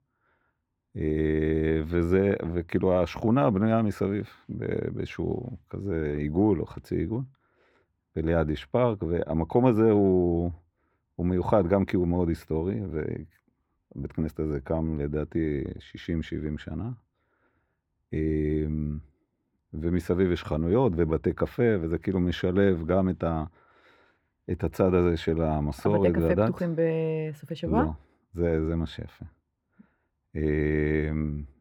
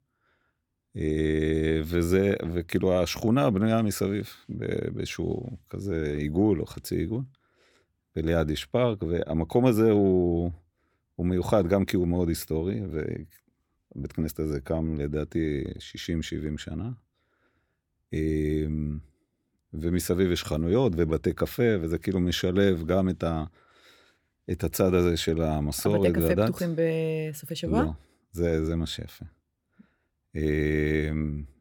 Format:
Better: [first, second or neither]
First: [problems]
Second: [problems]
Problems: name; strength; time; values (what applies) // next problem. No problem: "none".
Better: second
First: muffled; slightly; fading above 3.5 kHz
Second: none